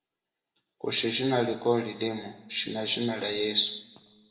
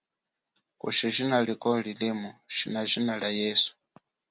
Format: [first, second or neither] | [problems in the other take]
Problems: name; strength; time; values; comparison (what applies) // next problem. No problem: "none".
second | room echo; dies away in 0.9 s